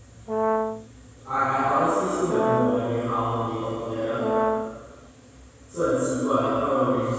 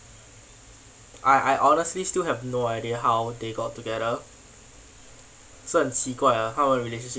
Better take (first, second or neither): second